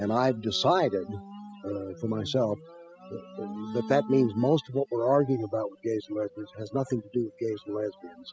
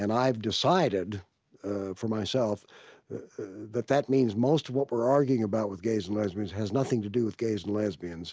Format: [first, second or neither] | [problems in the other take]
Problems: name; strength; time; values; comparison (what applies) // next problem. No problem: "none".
second | noise reduction (classical method spectral subtraction)